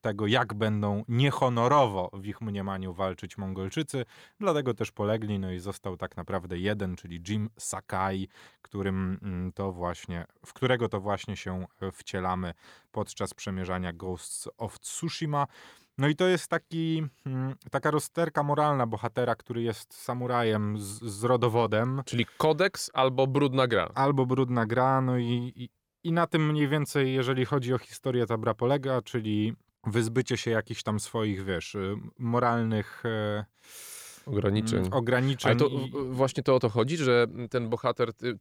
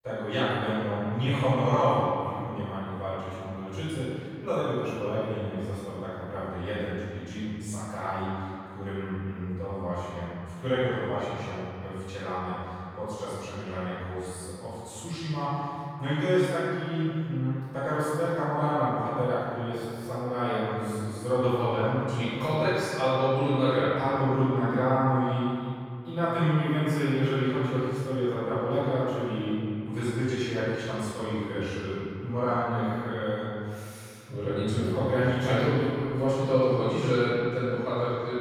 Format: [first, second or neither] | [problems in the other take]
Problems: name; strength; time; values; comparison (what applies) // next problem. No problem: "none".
first | off-mic speech; far // room echo; strong; dies away in 2.3 s